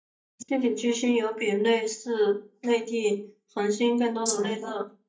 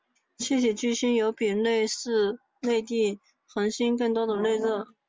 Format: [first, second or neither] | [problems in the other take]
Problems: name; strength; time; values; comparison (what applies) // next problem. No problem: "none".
second | noise reduction (neural mask model DeepFilterNet 3)